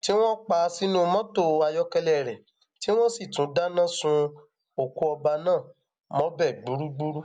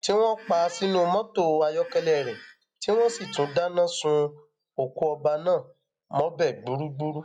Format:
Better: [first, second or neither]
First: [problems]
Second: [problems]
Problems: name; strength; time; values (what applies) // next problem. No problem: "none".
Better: first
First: none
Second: noise reduction (classical method log-MMSE)